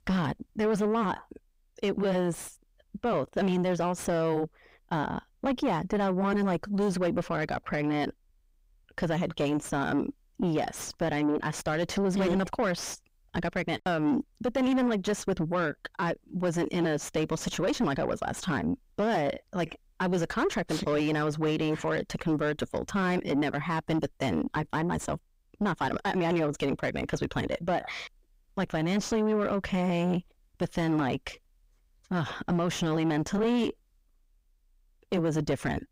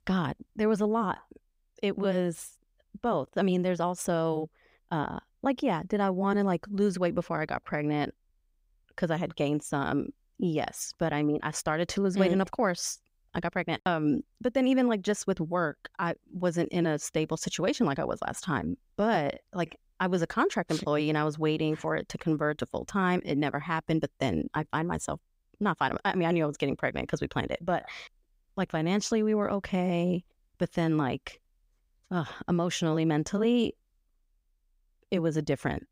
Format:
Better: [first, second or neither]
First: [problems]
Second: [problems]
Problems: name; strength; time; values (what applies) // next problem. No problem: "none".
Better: second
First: distortion; heavy; 6 dB below the speech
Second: none